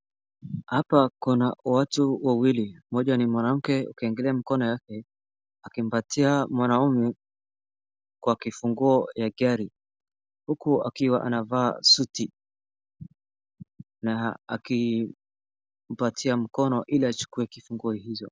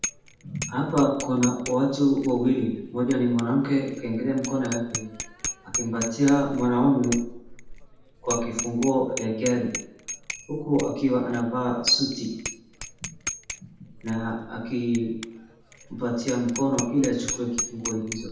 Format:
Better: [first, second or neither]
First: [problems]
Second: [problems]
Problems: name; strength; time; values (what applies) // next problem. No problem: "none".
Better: first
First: none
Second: background sound (Bicycle bell); 11 dB below the speech // room echo; dies away in 0.8 s